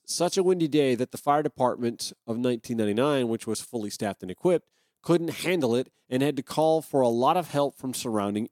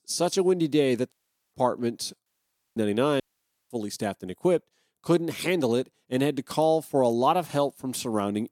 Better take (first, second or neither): first